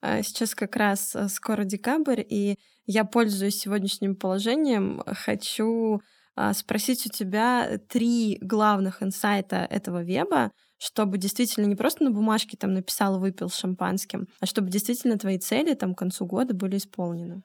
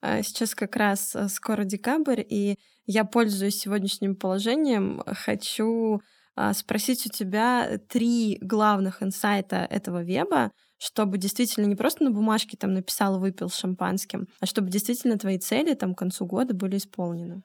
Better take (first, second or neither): neither